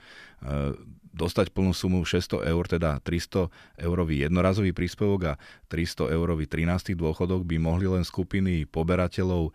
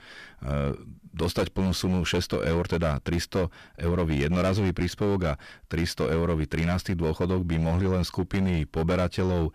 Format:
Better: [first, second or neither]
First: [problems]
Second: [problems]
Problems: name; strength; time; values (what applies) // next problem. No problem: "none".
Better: first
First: none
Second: distortion; slight; 15% of the sound clipped